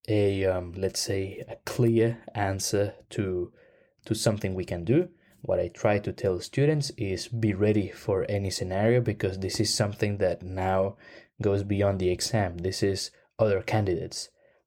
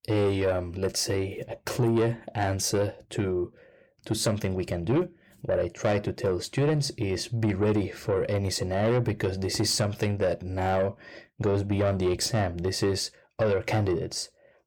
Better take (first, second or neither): first